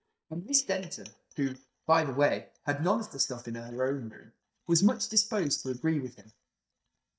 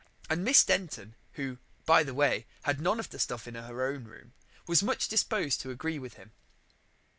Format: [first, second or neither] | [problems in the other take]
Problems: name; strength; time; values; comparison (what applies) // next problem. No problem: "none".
second | noise reduction (neural mask model DeepFilterNet 3)